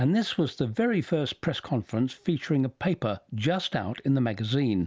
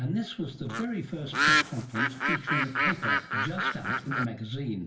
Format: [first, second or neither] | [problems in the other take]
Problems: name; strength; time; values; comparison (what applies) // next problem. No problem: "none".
first | background sound (Bird); 5 dB above the speech // room echo; dies away in 0.3 s